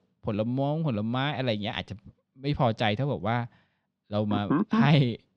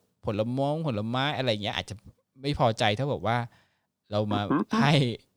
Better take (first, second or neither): second